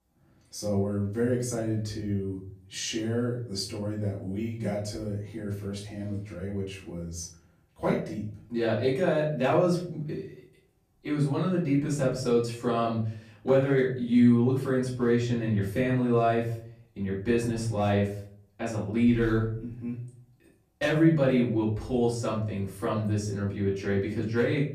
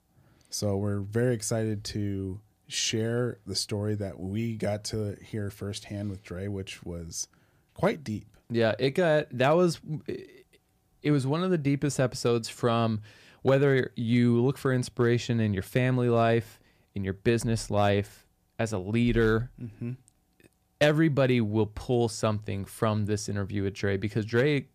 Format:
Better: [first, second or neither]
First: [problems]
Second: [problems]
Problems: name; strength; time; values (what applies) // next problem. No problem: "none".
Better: second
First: off-mic speech; far // room echo; noticeable; dies away in 0.5 s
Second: none